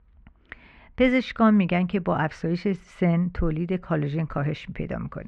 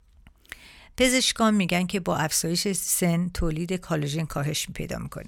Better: second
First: muffled; very; fading above 2 kHz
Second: none

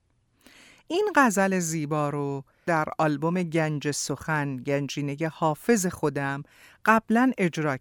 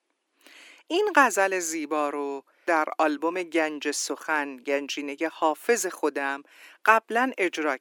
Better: first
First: none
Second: thin; somewhat; fading below 300 Hz

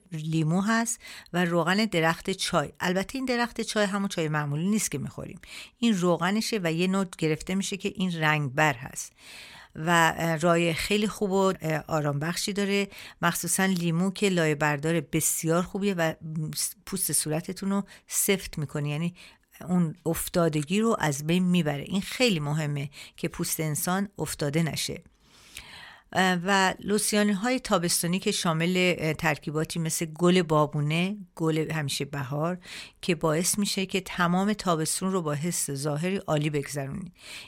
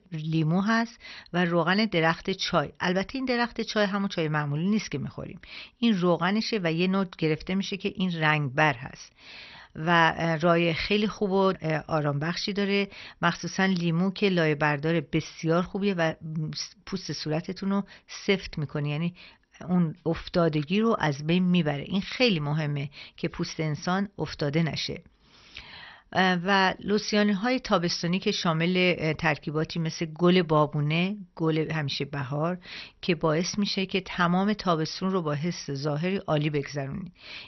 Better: first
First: none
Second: garbled, watery; slightly; nothing above 6 kHz

